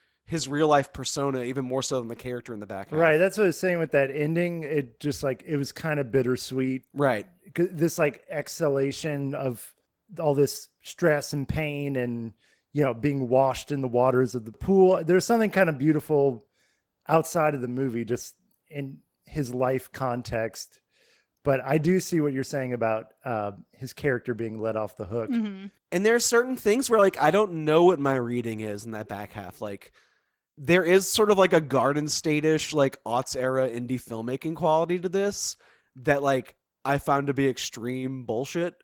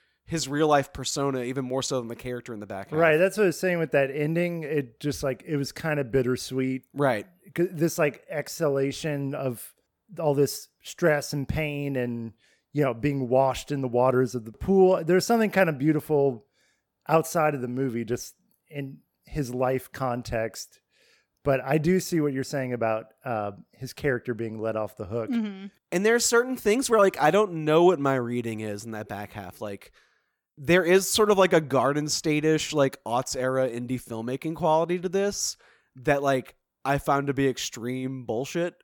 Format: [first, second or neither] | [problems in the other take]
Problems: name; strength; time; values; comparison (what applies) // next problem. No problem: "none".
second | garbled, watery; slightly; nothing above 17.5 kHz